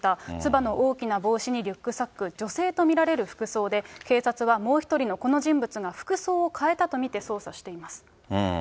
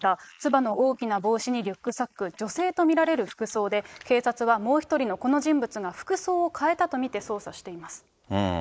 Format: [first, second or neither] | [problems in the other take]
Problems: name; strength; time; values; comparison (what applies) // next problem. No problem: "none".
first | noise reduction (neural mask model Resemble Enhance denoiser)